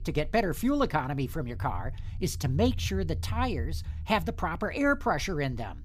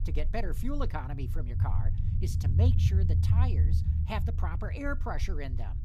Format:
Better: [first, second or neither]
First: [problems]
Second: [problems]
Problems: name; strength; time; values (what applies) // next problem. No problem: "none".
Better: first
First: low rumble; faint; throughout; 25 dB below the speech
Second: low rumble; loud; throughout; 5 dB below the speech